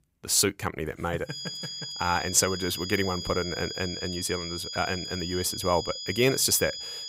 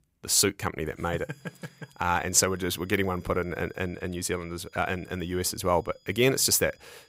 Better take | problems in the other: second | high-pitched whine; loud; from 1.5 s on; 5 kHz, 7 dB below the speech; faint in the second

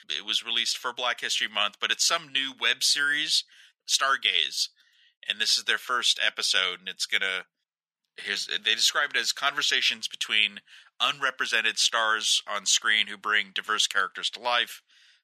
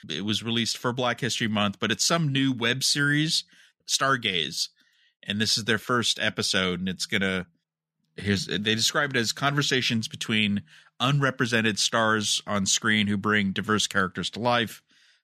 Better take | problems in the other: second | thin; very; fading below 800 Hz

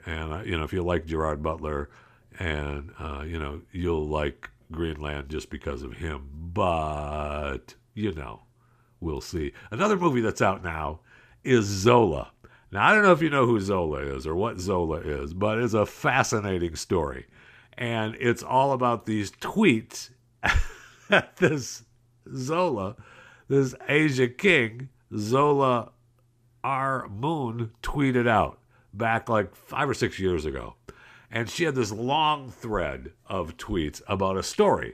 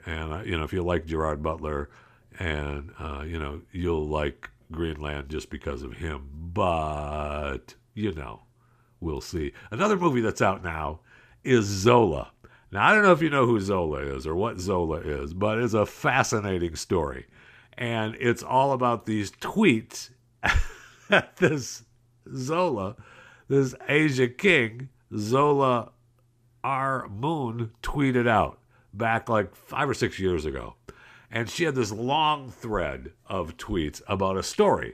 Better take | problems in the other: neither | none

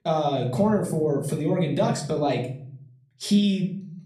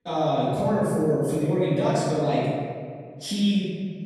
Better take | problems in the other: first | room echo; strong; dies away in 1.8 s; slight in the first // off-mic speech; far; far in the first

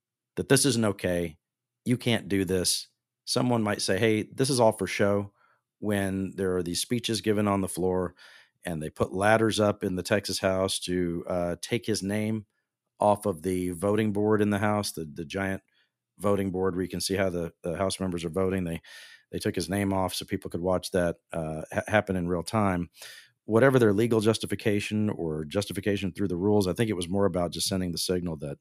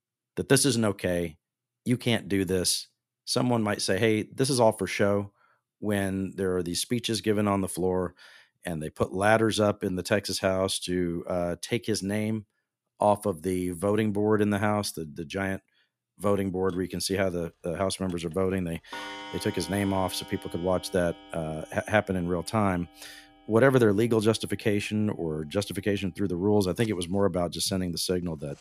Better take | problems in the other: first | household noises; noticeable; from 17 s on; 20 dB below the speech

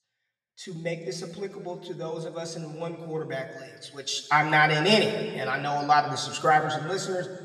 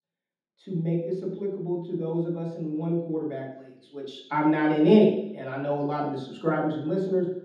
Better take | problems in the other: first | room echo; strong; dies away in 0.9 s; slight in the first // off-mic speech; far; somewhat distant in the first

